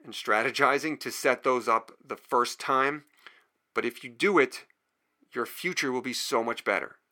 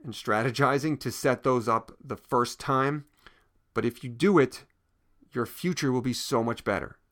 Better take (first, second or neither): second